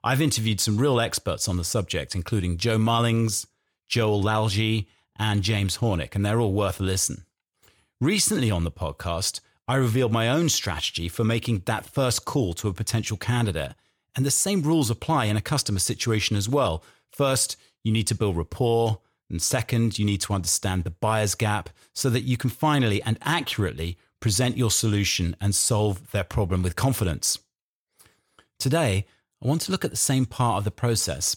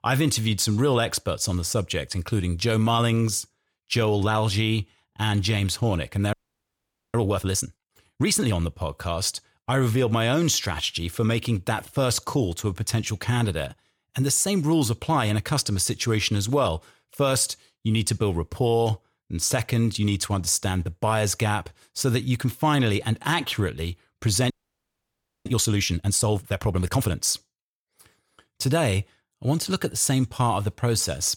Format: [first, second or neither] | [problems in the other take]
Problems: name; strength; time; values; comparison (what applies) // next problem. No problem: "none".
first | audio freezing; at 6.5 s for 1 s and at 25 s for 1 s